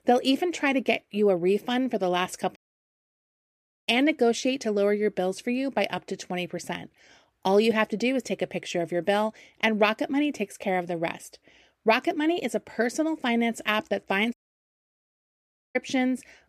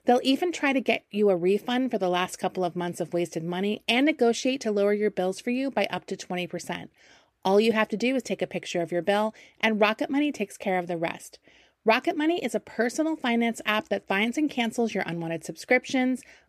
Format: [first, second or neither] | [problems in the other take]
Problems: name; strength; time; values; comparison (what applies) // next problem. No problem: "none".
second | audio cutting out; at 2.5 s for 1.5 s and at 14 s for 1.5 s